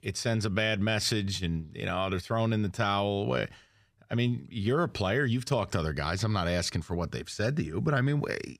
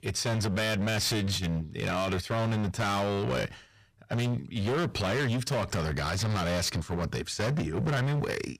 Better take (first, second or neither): first